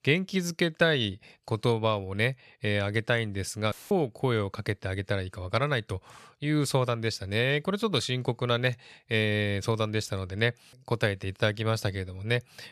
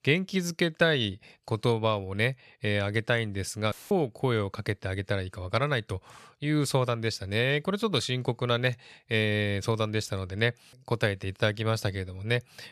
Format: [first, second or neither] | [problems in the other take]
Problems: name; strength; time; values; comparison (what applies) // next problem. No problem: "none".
neither | audio cutting out; filled with static; at 3.5 s; the same in both